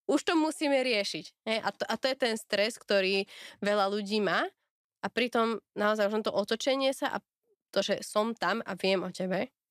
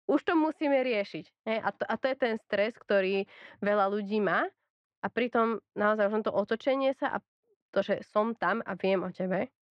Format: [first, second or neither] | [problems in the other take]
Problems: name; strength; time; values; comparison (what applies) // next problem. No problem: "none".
first | muffled; very; fading above 1.5 kHz